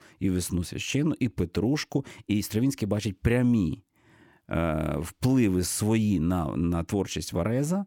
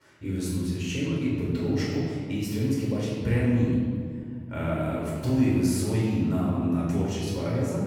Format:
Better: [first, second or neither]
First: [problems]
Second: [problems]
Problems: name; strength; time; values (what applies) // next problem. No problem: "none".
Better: first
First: none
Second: off-mic speech; far // room echo; strong; dies away in 1.8 s